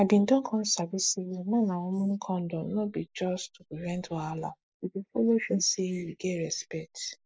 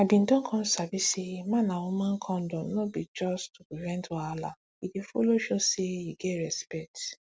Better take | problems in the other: second | noise reduction (neural mask model Resemble Enhance denoiser)

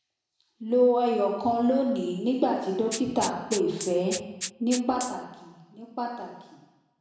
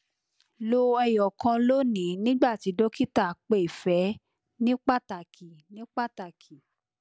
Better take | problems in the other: second | background sound (Rattle (instrument)); 12 dB below the speech // room echo; dies away in 1 s

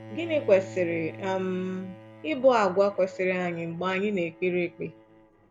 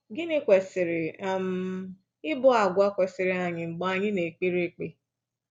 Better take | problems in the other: second | background sound (Bowed string instrument); 17 dB below the speech

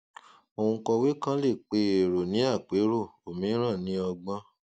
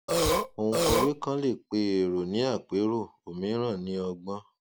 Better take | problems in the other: first | background sound (Burping, eructation); 3 dB above the speech

